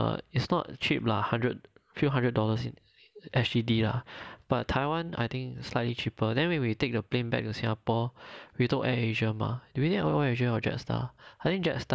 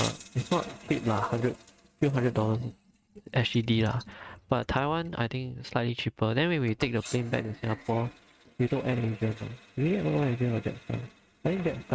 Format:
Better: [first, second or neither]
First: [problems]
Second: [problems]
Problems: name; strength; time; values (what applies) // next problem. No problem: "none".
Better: first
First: none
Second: noise reduction (neural mask model RNNoise)